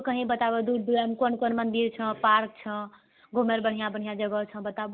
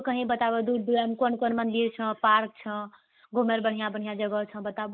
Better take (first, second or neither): first